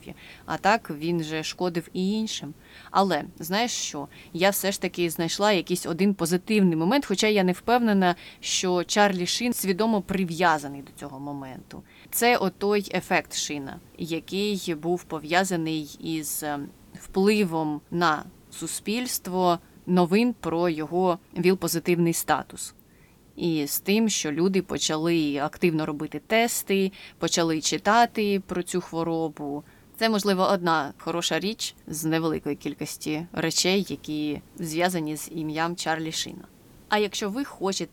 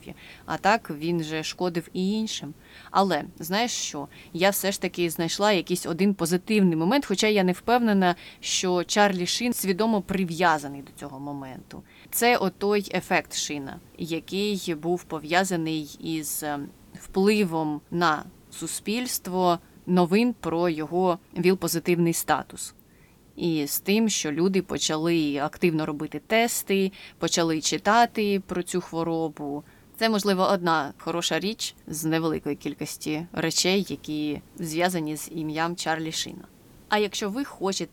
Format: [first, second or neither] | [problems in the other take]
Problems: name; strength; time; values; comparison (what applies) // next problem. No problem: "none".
neither | hiss; faint; throughout; 30 dB below the speech; the same in both